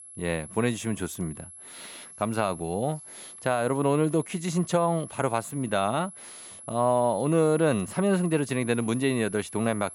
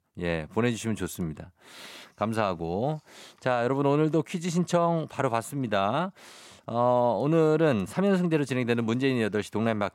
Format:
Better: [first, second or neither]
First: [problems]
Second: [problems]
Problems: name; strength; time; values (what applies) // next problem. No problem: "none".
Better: second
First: high-pitched whine; noticeable; throughout; 11 kHz, 15 dB below the speech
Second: none